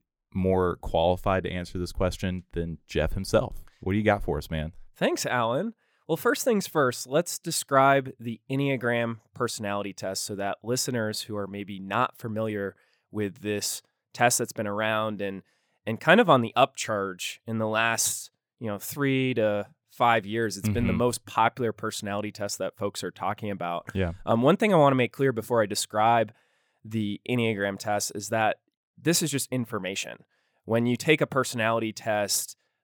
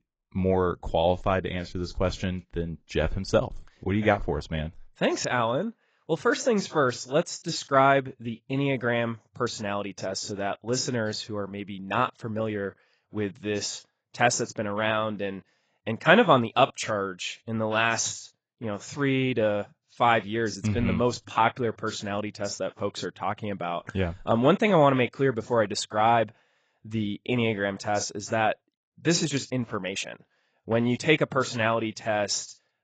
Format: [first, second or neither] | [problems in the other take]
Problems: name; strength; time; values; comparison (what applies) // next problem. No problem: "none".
first | garbled, watery; badly; nothing above 7.5 kHz